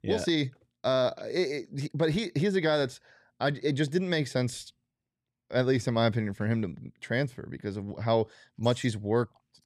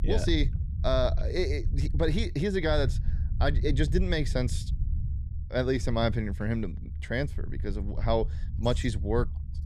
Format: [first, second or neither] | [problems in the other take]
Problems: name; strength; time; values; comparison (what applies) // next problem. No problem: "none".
first | low rumble; noticeable; throughout; 20 dB below the speech